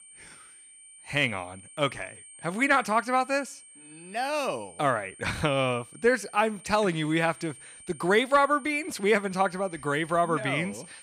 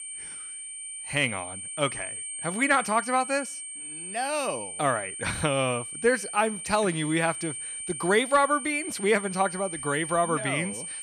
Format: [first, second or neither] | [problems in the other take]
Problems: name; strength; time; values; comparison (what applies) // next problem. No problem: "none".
first | high-pitched whine; loud; throughout; 8.5 kHz, 7 dB below the speech; faint in the first